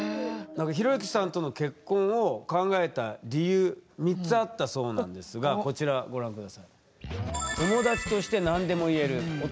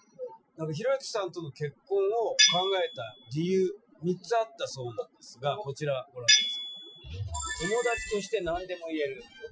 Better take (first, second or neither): first